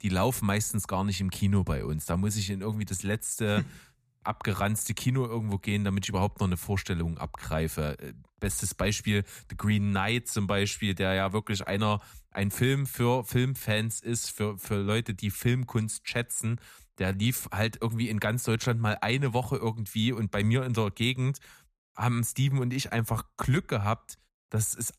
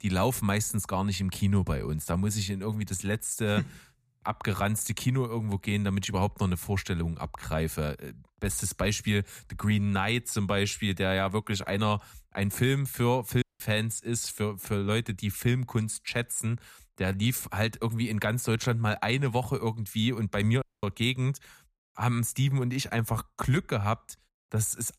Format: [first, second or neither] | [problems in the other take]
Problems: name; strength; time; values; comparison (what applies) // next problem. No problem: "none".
first | audio cutting out; at 13 s and at 21 s